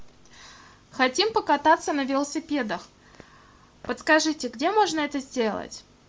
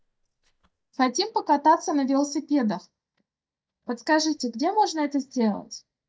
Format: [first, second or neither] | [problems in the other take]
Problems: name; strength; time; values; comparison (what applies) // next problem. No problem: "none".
first | noise reduction (neural mask model DeepFilterNet 3)